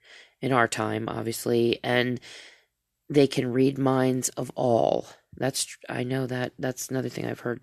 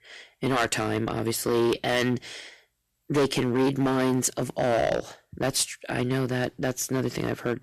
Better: first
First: none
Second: distortion; heavy; 8% of the sound clipped

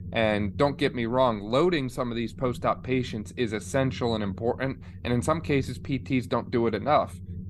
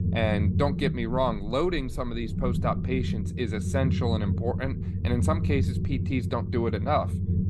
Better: first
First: low rumble; faint; throughout; 25 dB below the speech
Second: low rumble; loud; throughout; 10 dB below the speech

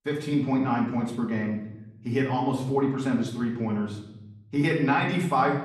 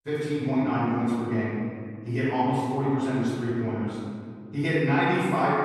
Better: first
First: room echo; slight; dies away in 0.9 s // off-mic speech; far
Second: room echo; strong; dies away in 2 s // off-mic speech; far

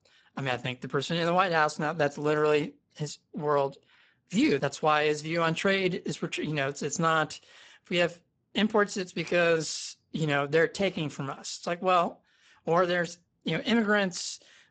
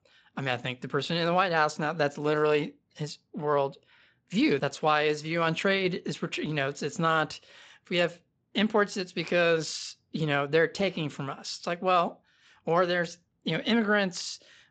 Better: second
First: garbled, watery; badly; nothing above 8 kHz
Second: garbled, watery; slightly; nothing above 7.5 kHz

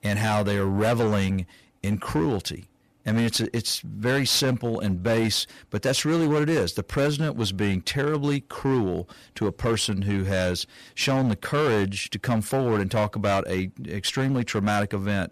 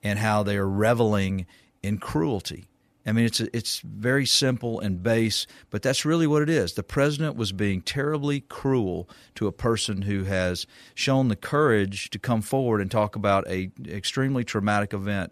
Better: second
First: distortion; slight; 13% of the sound clipped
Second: none

